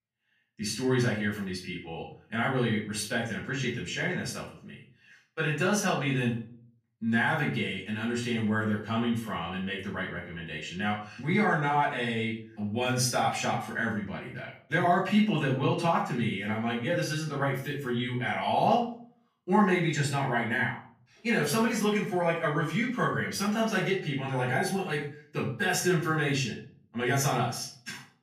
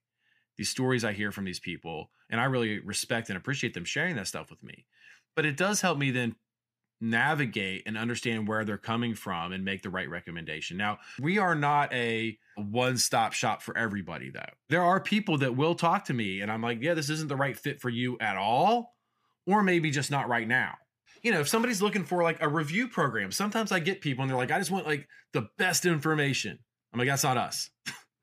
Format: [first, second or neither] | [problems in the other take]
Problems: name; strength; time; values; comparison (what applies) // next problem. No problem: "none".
second | room echo; slight; dies away in 0.4 s // off-mic speech; far